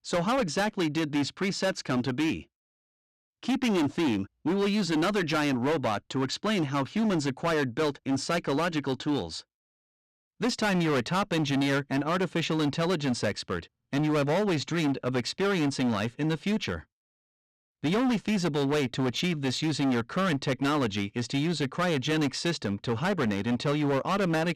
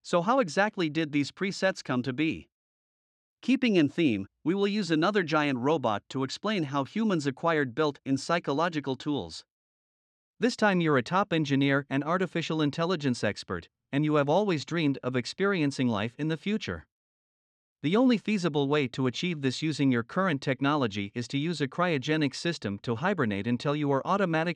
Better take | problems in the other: second | distortion; heavy; 19% of the sound clipped

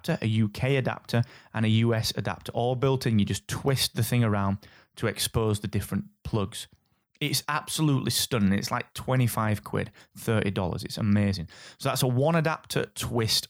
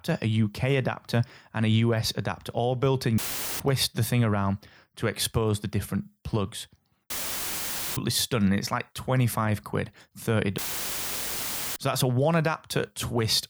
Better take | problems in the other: first | audio cutting out; filled with static; at 3 s, at 7 s for 1 s and at 11 s for 1 s

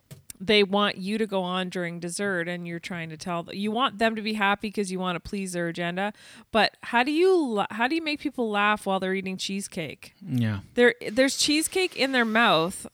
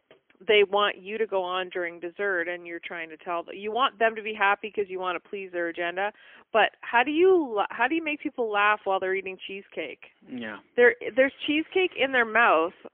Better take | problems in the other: first | phone-call audio; poor line; nothing above 3.5 kHz

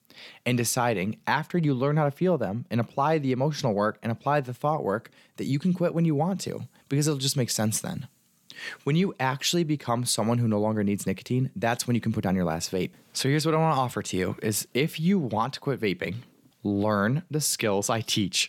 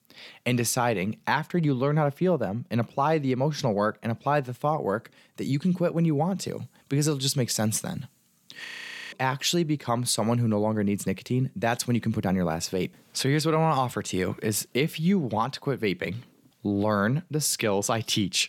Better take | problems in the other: first | audio freezing; at 8.5 s

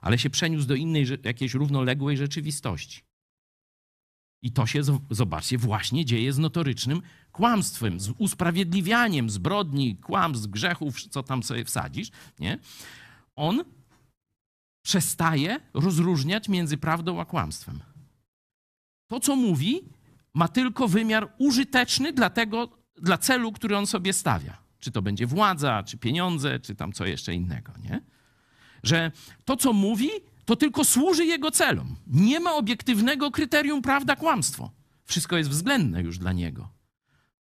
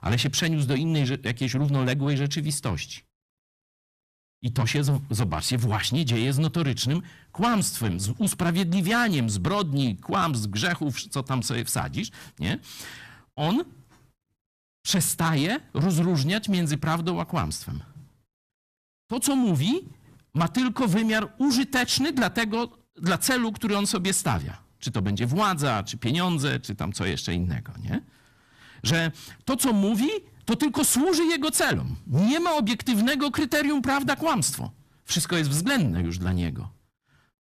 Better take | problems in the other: first | distortion; slight; 10 dB below the speech

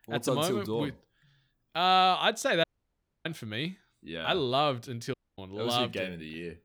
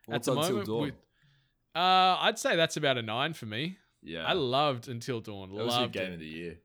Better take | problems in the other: second | audio cutting out; at 2.5 s for 0.5 s and at 5 s

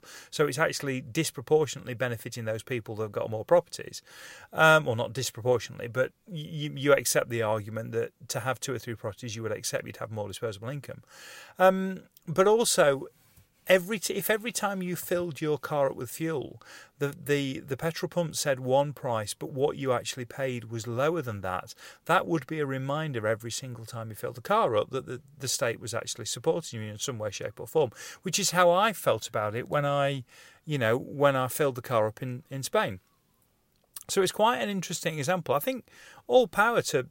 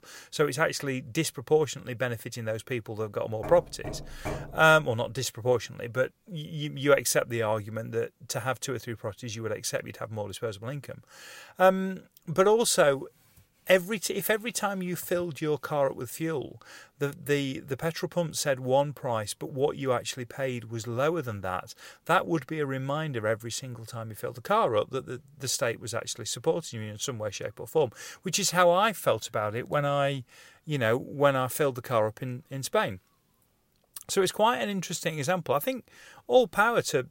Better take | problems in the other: first | door banging; noticeable; from 3.5 to 5 s; peak 9 dB below the speech

